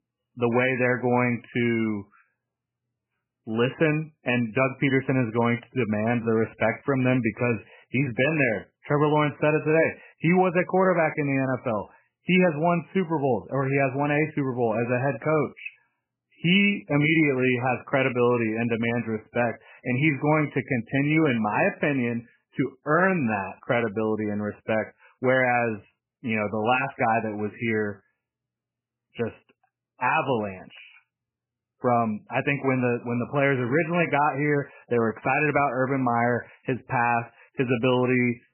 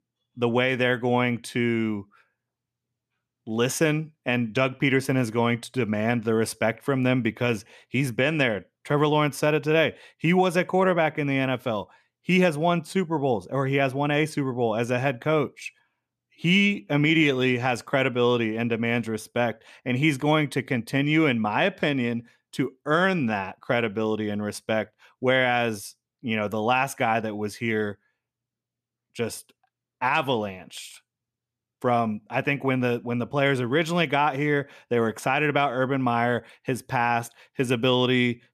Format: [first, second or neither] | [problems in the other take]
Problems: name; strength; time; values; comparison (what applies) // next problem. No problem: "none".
second | garbled, watery; badly; nothing above 3 kHz